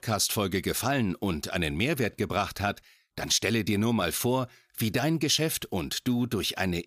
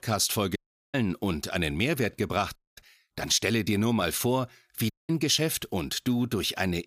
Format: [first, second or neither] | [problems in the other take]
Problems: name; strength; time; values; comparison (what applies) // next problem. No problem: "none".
first | audio cutting out; at 0.5 s, at 2.5 s and at 5 s